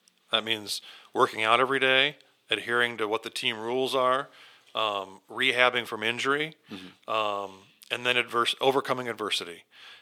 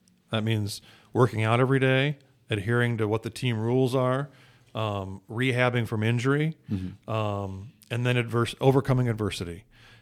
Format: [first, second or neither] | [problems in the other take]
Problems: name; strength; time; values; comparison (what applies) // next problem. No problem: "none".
second | thin; very; fading below 450 Hz